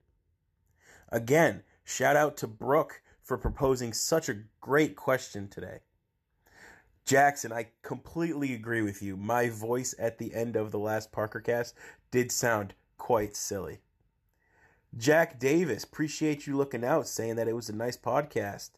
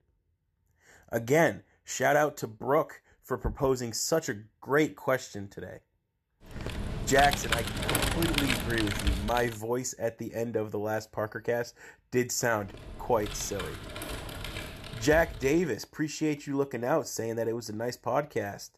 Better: first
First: none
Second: keyboard typing; loud; from 6.5 to 9.5 s; peak 2 dB above the speech // keyboard typing; noticeable; from 13 to 16 s; peak 8 dB below the speech

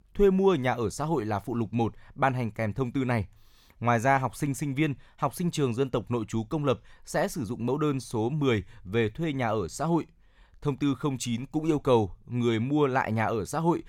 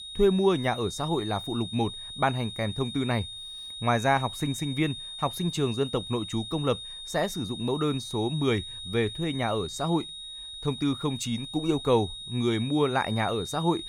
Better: first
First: none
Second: high-pitched whine; loud; throughout; 3.5 kHz, 9 dB below the speech

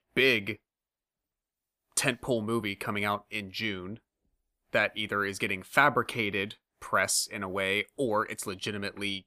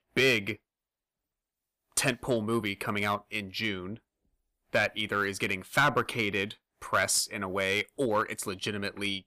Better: first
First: none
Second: distortion; slight; 1.4% of the sound clipped

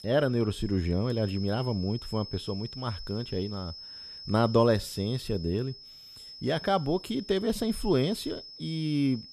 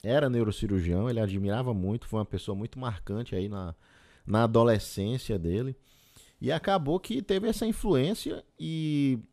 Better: second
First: high-pitched whine; noticeable; throughout; 5 kHz, 15 dB below the speech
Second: none

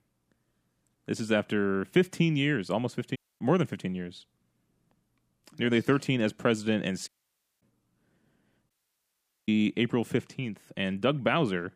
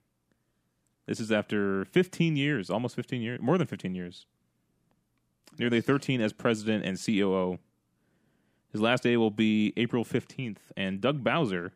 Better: second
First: audio cutting out; at 3 s, at 7 s for 0.5 s and at 8.5 s for 1 s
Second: none

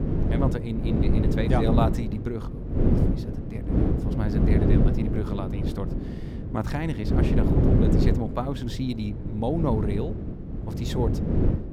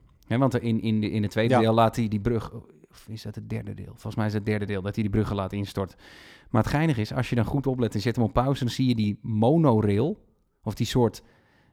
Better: second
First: wind noise on the microphone; heavy; as loud as the speech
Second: none

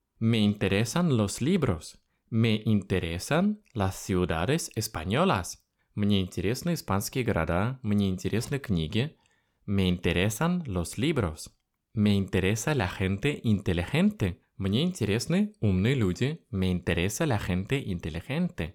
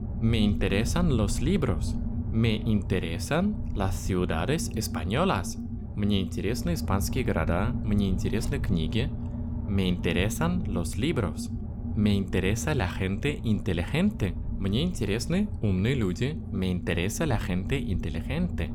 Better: first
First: none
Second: low rumble; noticeable; throughout; 10 dB below the speech

